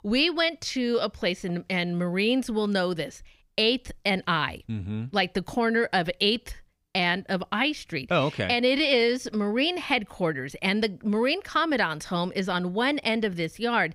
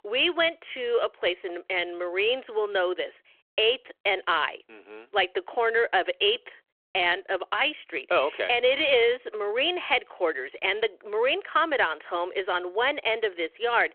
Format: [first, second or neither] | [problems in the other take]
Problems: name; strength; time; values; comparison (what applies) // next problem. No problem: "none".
first | phone-call audio